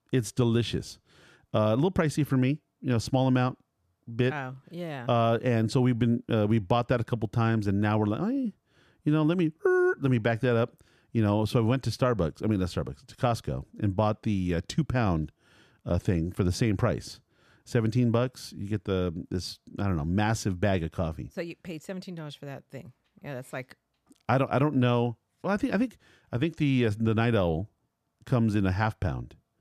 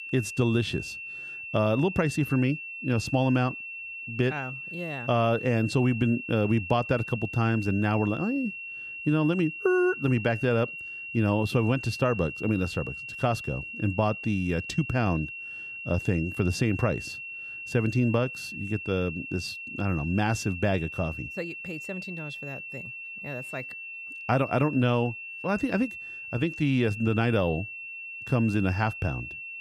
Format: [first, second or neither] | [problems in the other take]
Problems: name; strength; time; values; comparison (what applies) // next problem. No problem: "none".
first | high-pitched whine; loud; throughout; 2.5 kHz, 9 dB below the speech